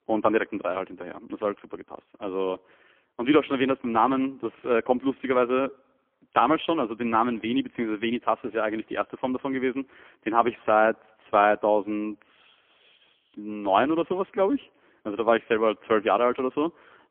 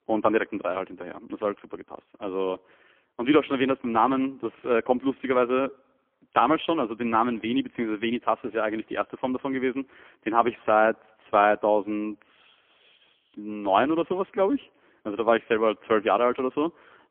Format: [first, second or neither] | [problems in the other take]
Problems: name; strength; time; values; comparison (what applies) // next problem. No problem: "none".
neither | phone-call audio; poor line; nothing above 3.5 kHz; the same in both